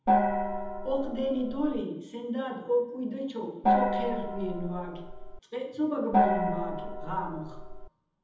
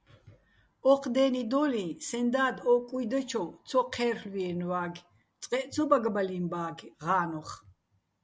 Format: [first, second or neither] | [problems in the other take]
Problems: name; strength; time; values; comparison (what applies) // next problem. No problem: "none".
second | background sound (Gong); 4 dB above the speech // room echo; dies away in 1.1 s